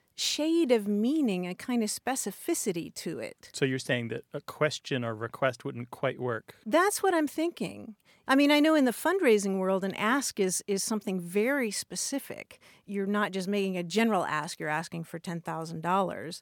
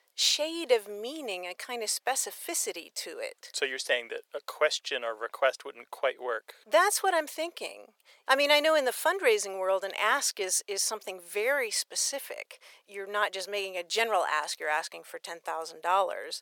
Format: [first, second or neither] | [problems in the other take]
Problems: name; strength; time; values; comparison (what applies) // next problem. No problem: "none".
first | thin; very; fading below 500 Hz